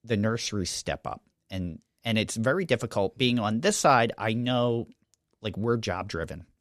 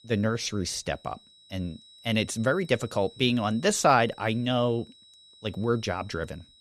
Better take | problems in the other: first | high-pitched whine; faint; throughout; 4 kHz, 25 dB below the speech

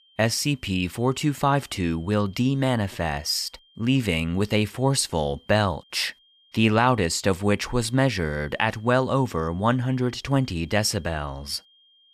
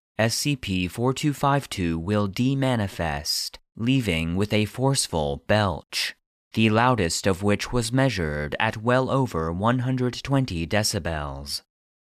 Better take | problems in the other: second | high-pitched whine; faint; throughout; 3 kHz, 30 dB below the speech

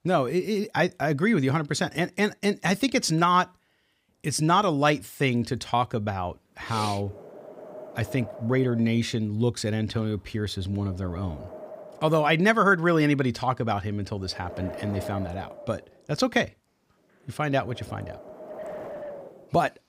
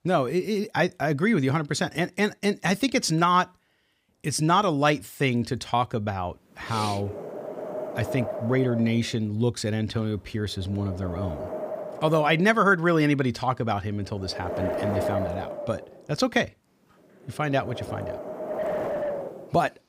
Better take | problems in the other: first | wind noise on the microphone; heavy; from 6 s on; 7 dB below the speech; occasional gusts in the first

